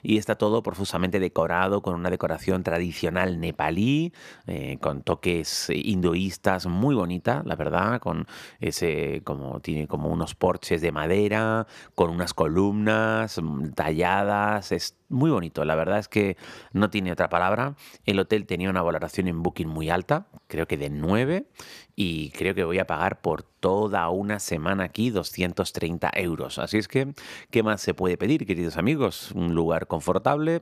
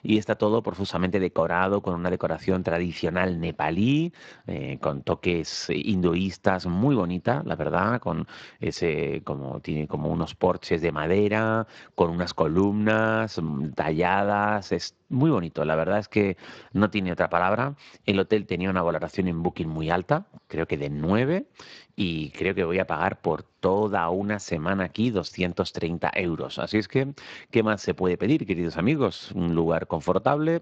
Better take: first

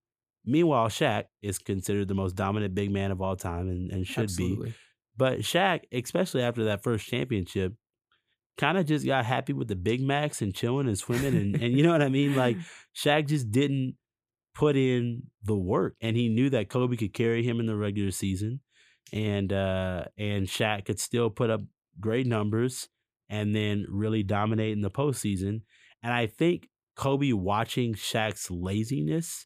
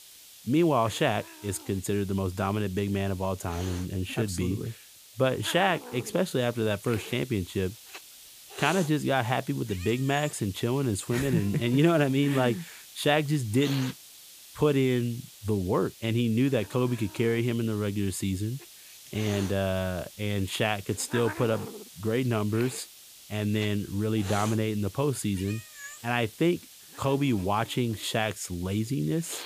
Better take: first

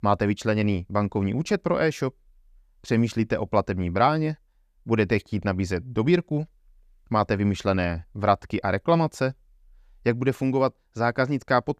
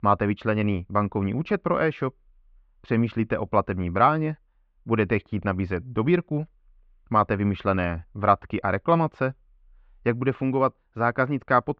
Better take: first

